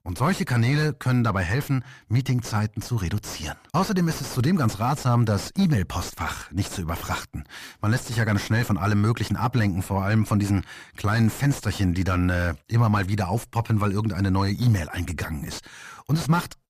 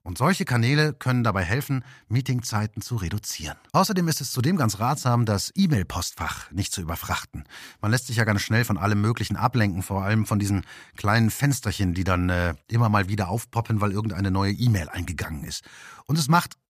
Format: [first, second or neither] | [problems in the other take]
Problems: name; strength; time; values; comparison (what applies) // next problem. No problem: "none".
second | distortion; slight; 9 dB below the speech